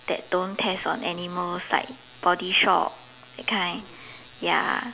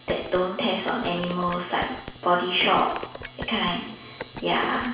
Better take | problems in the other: first | background sound (Telephone); 13 dB below the speech // room echo; dies away in 0.7 s

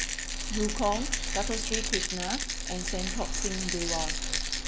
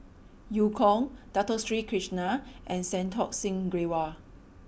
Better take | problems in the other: second | background sound (Rattle); 3 dB above the speech

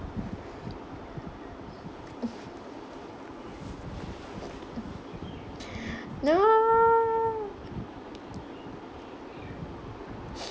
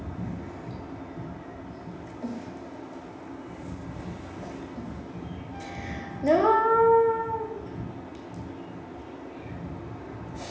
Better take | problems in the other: first | background sound (Wind instrument, woodwind instrument); 19 dB below the speech // room echo; dies away in 0.9 s

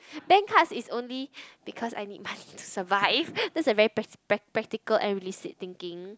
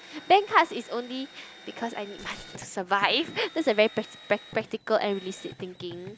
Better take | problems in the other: first | background sound (Drill + Tearing); 19 dB below the speech

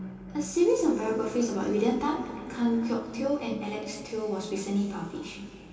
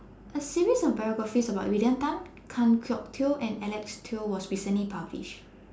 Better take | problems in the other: second | background sound (Bowed string instrument); 18 dB below the speech // room echo; dies away in 2.6 s

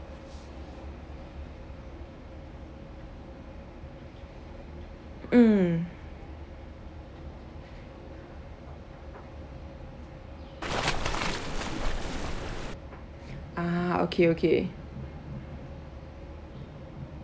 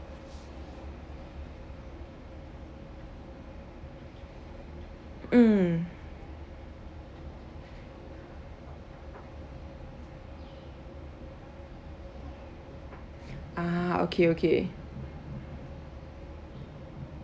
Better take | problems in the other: second | background sound (Waves, surf); 2 dB above the speech

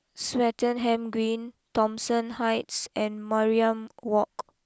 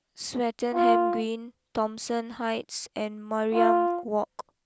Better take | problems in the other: first | background sound (Brass instrument); 4 dB above the speech

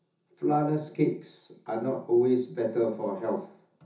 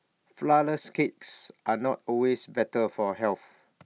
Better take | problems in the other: second | room echo; dies away in 0.6 s

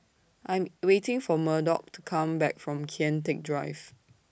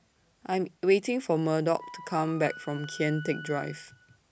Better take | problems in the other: first | background sound (Wind instrument, woodwind instrument); 15 dB below the speech

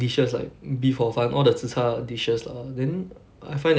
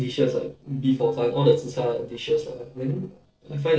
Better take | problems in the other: first | noise reduction (neural separator model SepFormer DNS4)

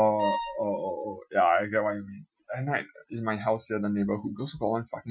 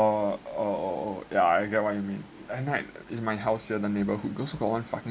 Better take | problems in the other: second | noise reduction (classical method Wiener filter)

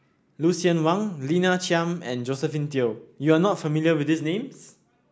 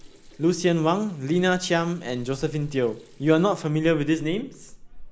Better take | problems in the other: first | background sound (Sink (filling or washing) / Water tap, faucet); 19 dB below the speech

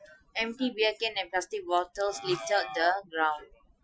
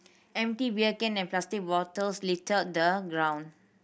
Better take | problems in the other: second | noise reduction (classical method Wiener filter)

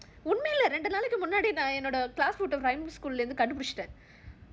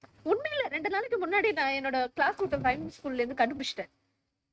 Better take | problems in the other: first | noise reduction (neural mask model RNNoise)

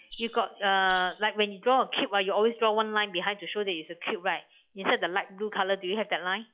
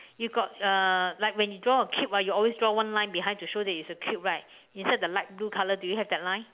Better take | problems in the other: second | noise reduction (classical method log-MMSE)

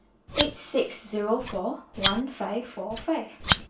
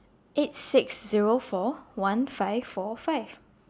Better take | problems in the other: second | background sound (Scissors); 3 dB below the speech // room echo; dies away in 0.3 s

